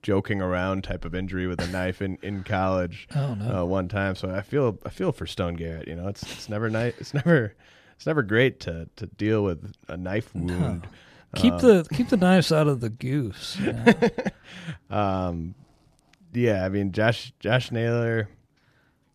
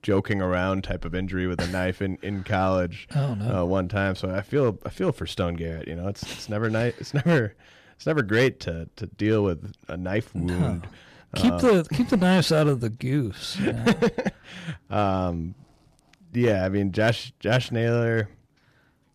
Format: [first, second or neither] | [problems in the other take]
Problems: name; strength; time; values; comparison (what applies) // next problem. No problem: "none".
first | distortion; slight; 2% of the sound clipped